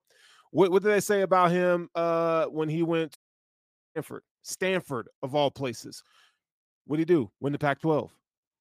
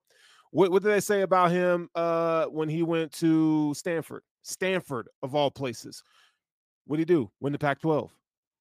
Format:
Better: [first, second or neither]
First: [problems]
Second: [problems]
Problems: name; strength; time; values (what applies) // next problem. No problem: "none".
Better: second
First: audio cutting out; at 3 s for 1 s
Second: none